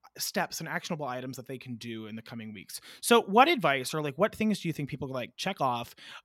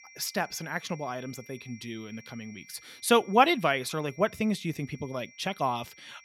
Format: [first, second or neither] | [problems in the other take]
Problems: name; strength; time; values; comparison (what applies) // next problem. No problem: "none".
first | high-pitched whine; faint; throughout; 2 kHz, 25 dB below the speech